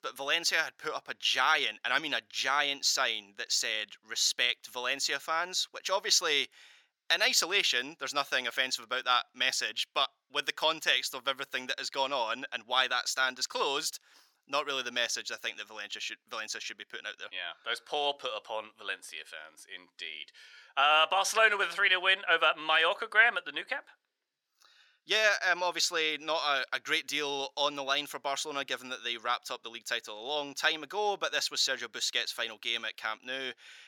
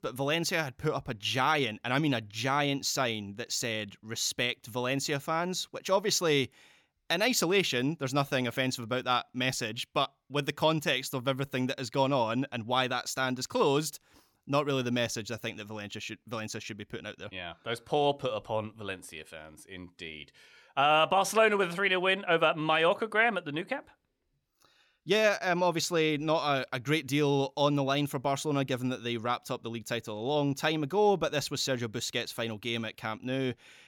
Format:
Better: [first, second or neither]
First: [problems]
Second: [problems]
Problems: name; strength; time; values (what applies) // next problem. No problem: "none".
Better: second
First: thin; very; fading below 550 Hz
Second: none